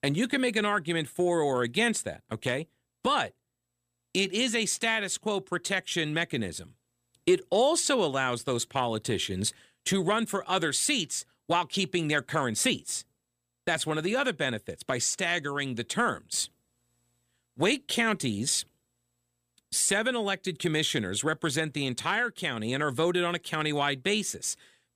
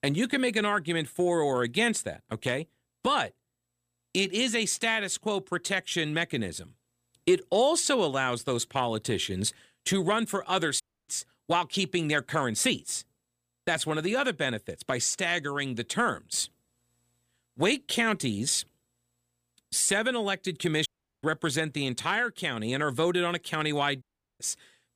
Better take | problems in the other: first | audio cutting out; at 11 s, at 21 s and at 24 s

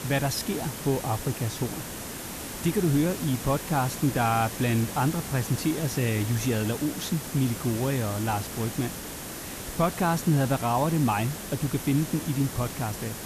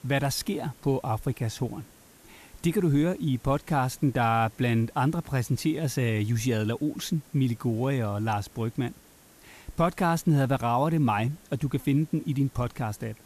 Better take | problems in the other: second | hiss; loud; throughout; 8 dB below the speech; faint in the second

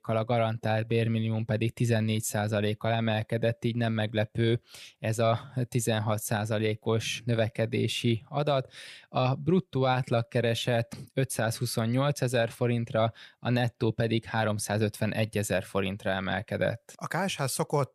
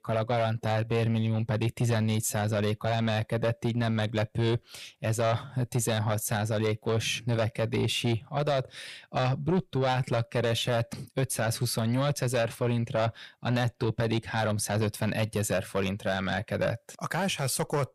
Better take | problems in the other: first | distortion; slight; 10 dB below the speech

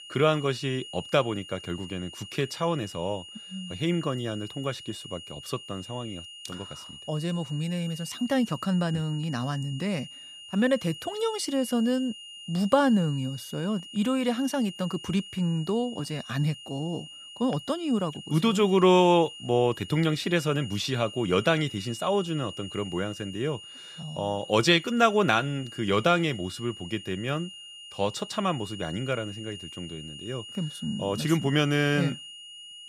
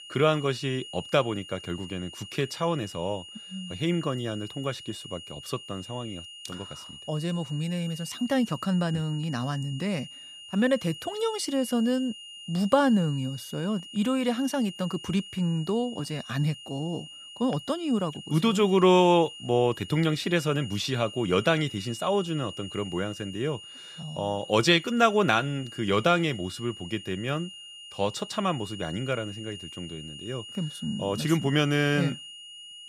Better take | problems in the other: neither | high-pitched whine; noticeable; throughout; 3 kHz, 15 dB below the speech; the same in both

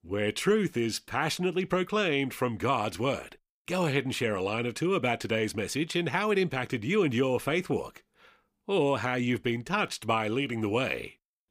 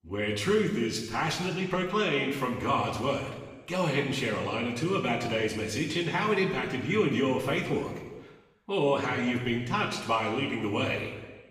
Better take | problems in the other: first | room echo; noticeable; dies away in 1.2 s // off-mic speech; far

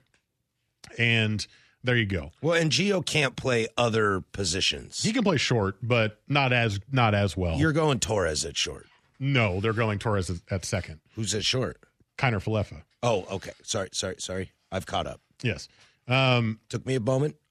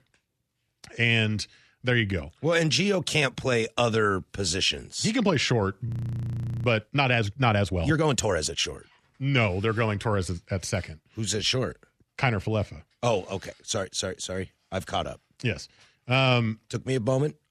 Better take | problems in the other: first | audio freezing; at 6 s for 1 s

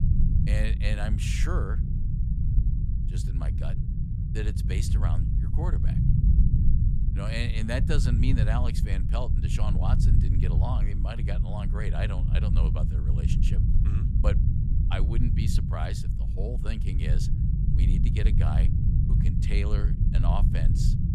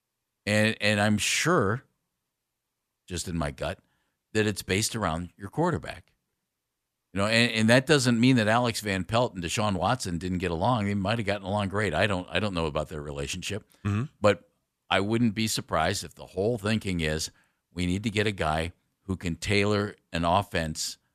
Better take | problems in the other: second | low rumble; loud; throughout; 3 dB below the speech

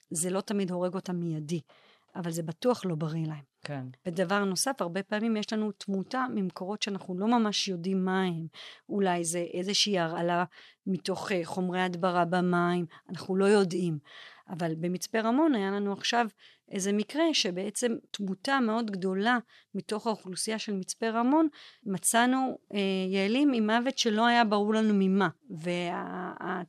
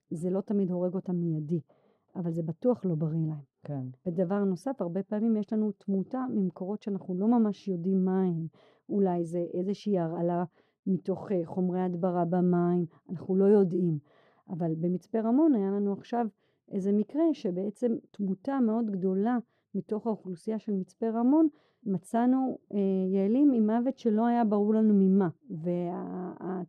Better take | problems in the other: first | muffled; very; fading above 1 kHz

